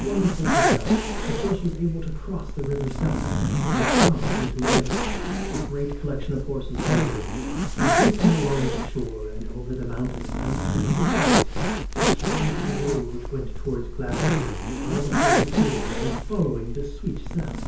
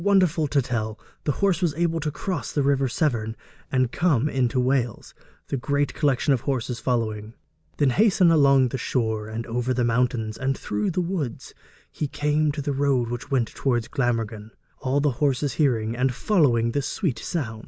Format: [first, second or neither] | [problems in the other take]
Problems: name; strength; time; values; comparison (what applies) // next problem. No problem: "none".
second | background sound (Zipper (clothing)); 4 dB above the speech // room echo; dies away in 0.5 s